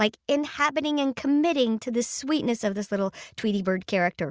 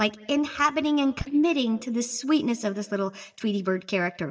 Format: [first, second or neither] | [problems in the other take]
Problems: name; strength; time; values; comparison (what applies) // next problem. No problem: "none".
first | noise reduction (neural mask model DeepFilterNet 3)